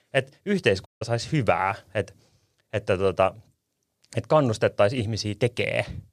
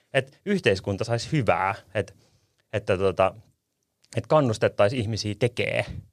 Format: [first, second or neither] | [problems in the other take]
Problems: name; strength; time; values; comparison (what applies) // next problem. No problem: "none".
second | audio cutting out; at 1 s